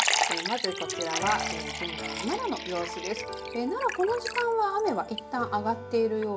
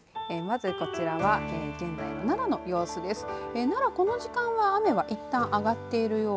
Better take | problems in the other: second | background sound (Liquid); 4 dB below the speech // room echo; dies away in 0.3 s

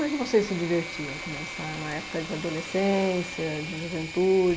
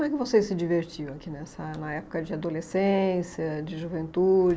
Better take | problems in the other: second | background sound (Engine / Mechanisms); 10 dB below the speech

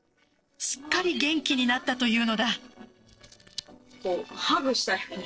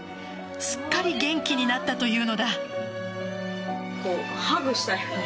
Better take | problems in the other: second | noise reduction (neural separator model SepFormer DNS4)

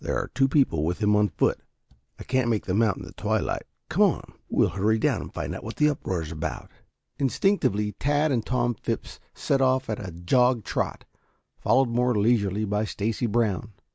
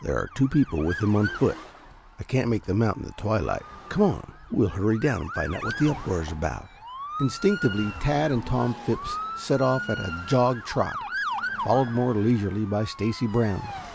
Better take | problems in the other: first | background sound (Motor vehicle (road) / Siren); 11 dB below the speech

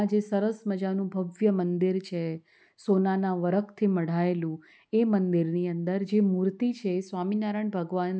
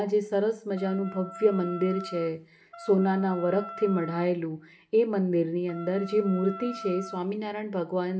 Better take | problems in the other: first | background sound (Wind instrument, woodwind instrument); 15 dB below the speech // room echo; dies away in 0.4 s

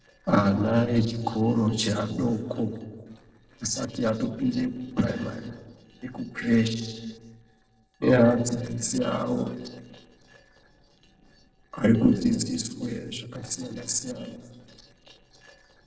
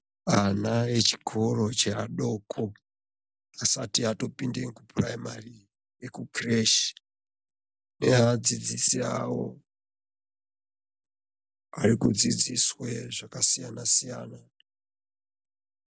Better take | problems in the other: second | noise reduction (neural separator model SepFormer DNS4)

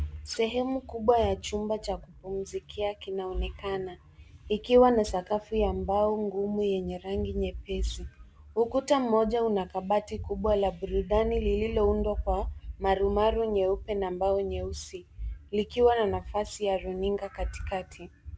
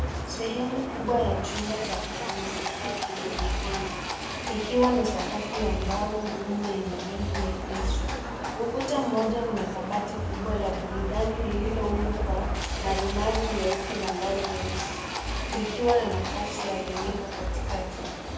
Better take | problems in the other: first | background sound (Livestock, farm animals, working animals); 5 dB below the speech // room echo; dies away in 1 s

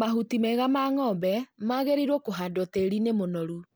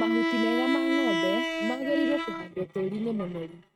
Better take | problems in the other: first | noise reduction (neural mask model RNNoise)

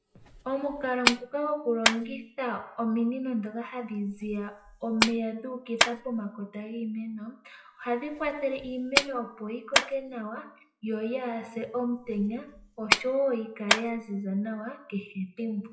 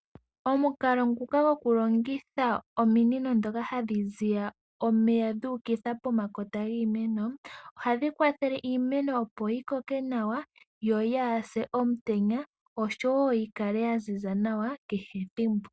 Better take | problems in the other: second | noise reduction (classical method WPE with log-MMSE)

